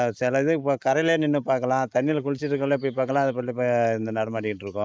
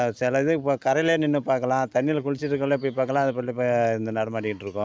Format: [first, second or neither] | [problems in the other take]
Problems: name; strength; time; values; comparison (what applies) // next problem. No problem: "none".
second | noise reduction (neural mask model Resemble Enhance denoiser)